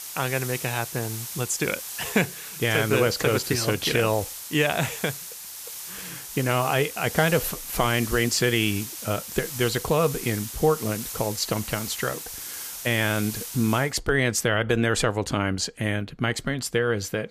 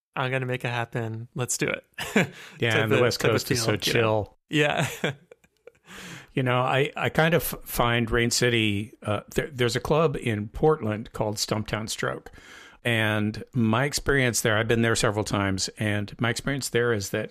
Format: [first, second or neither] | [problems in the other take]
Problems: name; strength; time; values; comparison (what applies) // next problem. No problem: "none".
second | hiss; loud; until 14 s; 9 dB below the speech